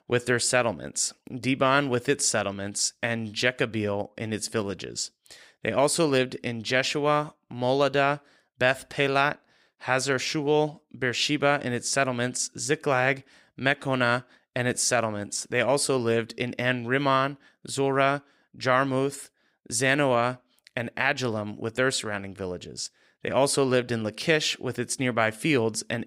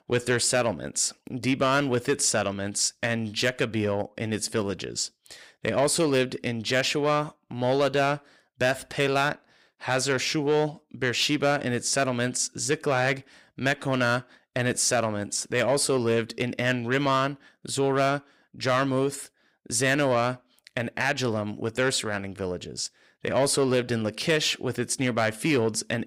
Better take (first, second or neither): first